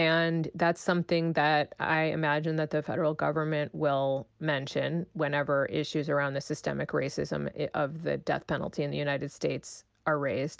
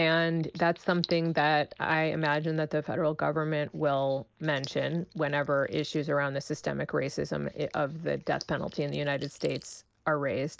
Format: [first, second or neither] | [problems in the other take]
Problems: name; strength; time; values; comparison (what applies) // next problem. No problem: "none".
first | noise reduction (neural mask model Resemble Enhance denoiser)